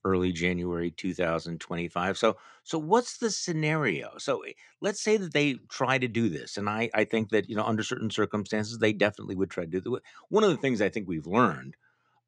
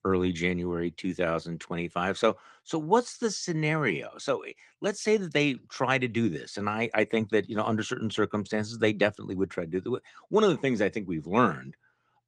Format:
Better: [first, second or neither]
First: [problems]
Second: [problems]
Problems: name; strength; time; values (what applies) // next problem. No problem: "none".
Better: first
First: none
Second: garbled, watery; slightly